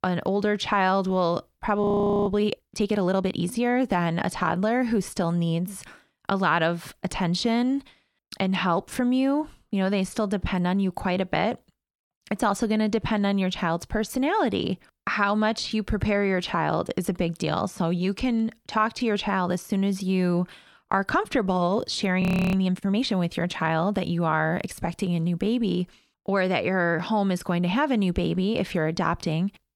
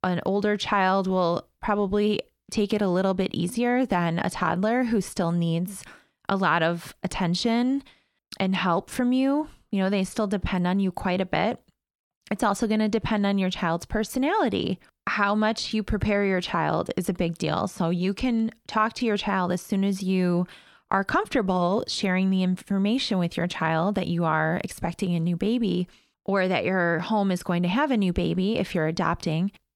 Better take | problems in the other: second | audio freezing; at 2 s and at 22 s

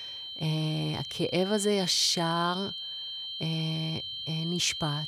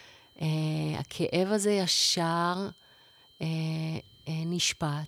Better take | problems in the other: second | high-pitched whine; loud; throughout; 3 kHz, 6 dB below the speech; faint in the second

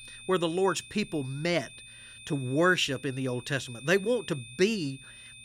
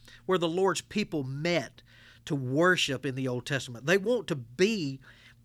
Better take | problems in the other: second | high-pitched whine; noticeable; throughout; 2.5 kHz, 15 dB below the speech

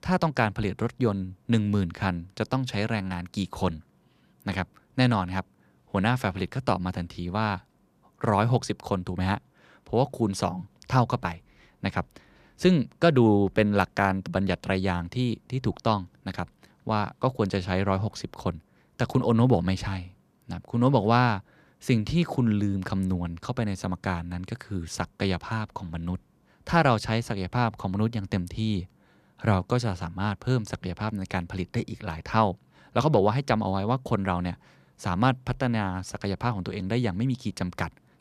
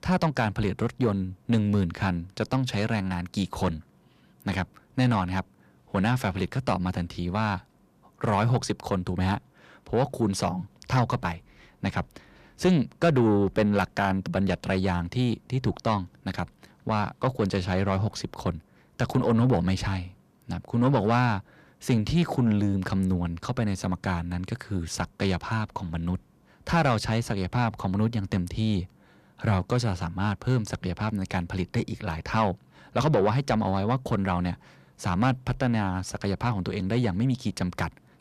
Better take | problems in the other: first | distortion; slight; 10 dB below the speech

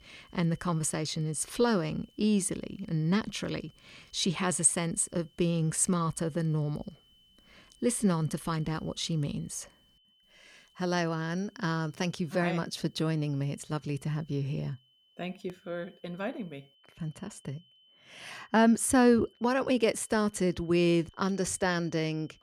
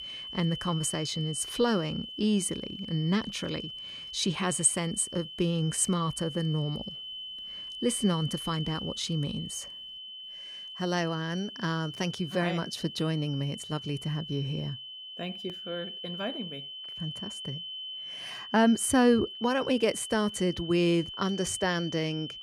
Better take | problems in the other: first | high-pitched whine; loud; throughout; 3 kHz, 9 dB below the speech; faint in the first

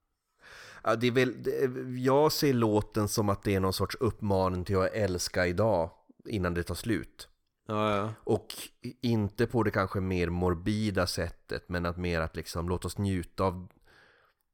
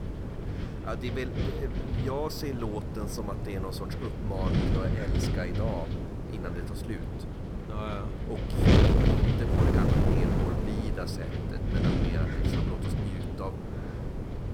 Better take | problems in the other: first | wind noise on the microphone; heavy; 3 dB above the speech

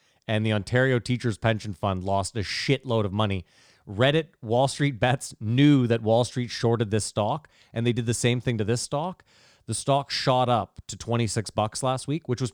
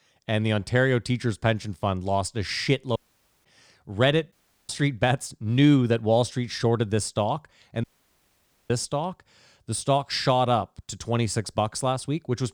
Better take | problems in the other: first | audio cutting out; at 3 s, at 4.5 s and at 8 s for 1 s

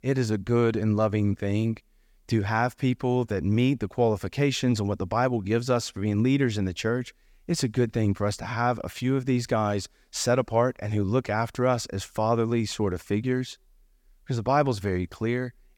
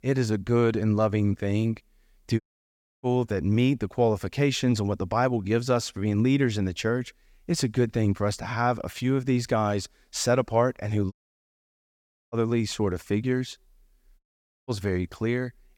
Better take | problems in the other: first | audio cutting out; at 2.5 s for 0.5 s, at 11 s for 1 s and at 14 s

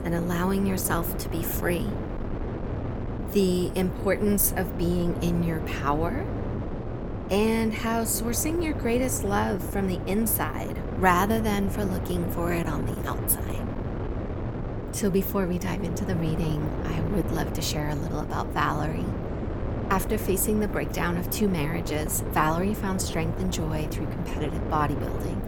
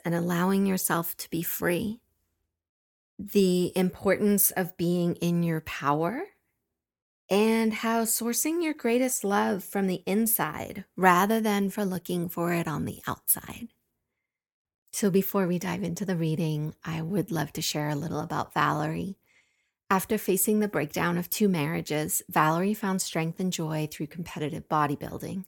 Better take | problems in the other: second | wind noise on the microphone; heavy; 8 dB below the speech

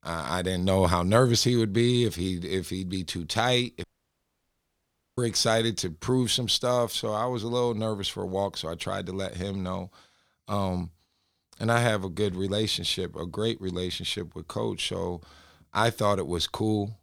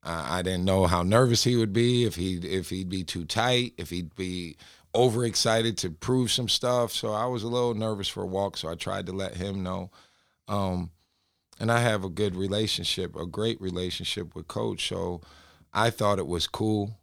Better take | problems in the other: second | audio cutting out; at 4 s for 1.5 s

